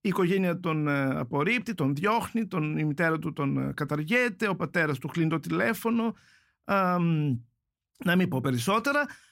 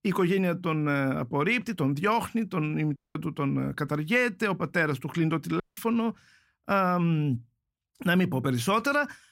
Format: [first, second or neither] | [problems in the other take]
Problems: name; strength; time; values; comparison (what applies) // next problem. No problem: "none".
first | audio cutting out; at 3 s and at 5.5 s